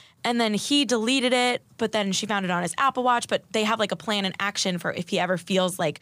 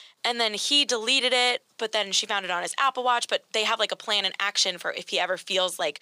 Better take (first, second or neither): first